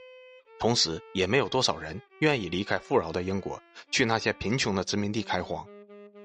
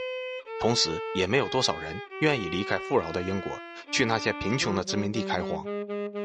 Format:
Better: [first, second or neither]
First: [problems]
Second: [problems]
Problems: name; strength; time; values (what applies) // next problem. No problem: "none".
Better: first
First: background music; faint; throughout; 25 dB below the speech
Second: background music; loud; throughout; 8 dB below the speech